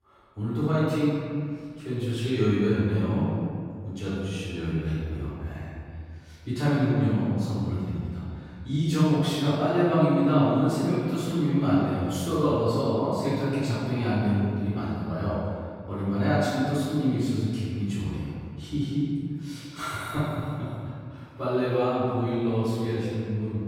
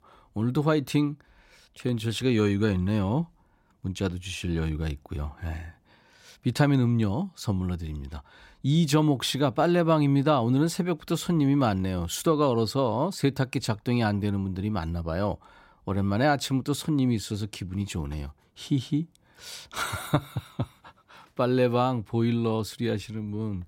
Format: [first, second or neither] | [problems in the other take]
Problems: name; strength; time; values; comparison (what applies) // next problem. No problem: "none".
second | off-mic speech; far // room echo; strong; dies away in 2 s